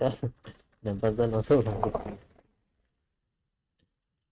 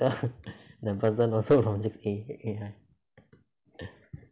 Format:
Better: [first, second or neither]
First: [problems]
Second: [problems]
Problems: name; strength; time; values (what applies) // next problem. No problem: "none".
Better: second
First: noise reduction (neural mask model RNNoise)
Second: none